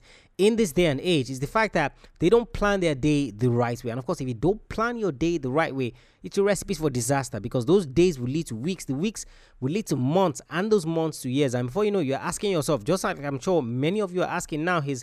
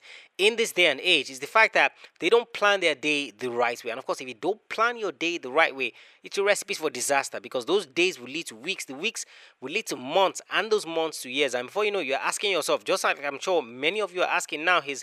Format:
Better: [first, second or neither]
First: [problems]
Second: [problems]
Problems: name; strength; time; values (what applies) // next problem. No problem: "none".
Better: first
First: none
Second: thin; very; fading below 550 Hz